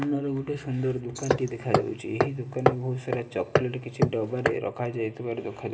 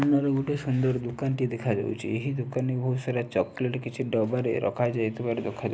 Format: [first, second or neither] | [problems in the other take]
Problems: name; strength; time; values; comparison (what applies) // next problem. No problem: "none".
second | background sound (Hammer); 2 dB above the speech // room echo; dies away in 2.3 s